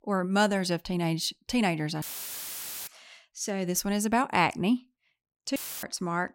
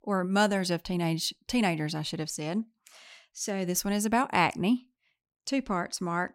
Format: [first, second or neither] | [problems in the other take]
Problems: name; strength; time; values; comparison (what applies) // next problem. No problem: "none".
second | audio cutting out; filled with static; at 2 s for 1 s and at 5.5 s